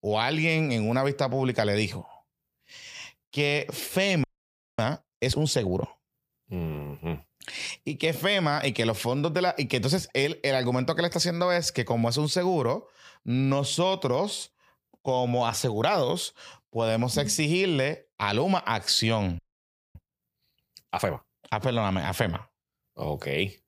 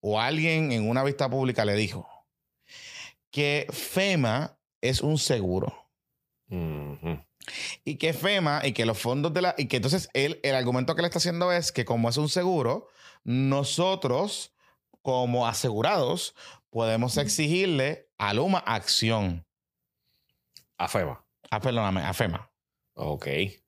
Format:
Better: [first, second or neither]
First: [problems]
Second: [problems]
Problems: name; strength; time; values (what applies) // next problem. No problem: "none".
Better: second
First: audio freezing; at 4 s for 0.5 s and at 19 s for 0.5 s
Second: none